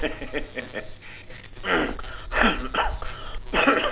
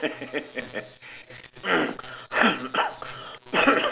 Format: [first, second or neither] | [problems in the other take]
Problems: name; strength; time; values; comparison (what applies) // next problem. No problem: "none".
second | background sound (Sliding door); 7 dB below the speech